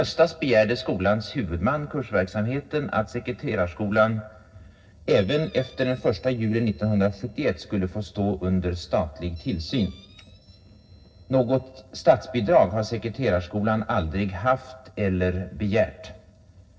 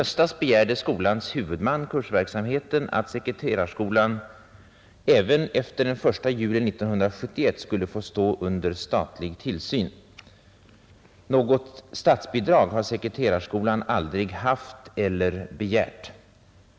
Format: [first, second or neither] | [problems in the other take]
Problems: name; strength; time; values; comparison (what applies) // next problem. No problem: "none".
second | noise reduction (neural separator model SepFormer DNS4)